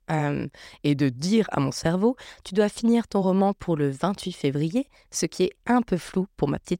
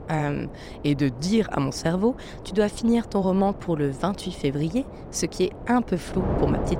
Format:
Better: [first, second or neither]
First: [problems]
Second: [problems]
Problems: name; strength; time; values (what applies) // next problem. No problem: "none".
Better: first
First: none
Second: wind noise on the microphone; occasional gusts; 10 dB below the speech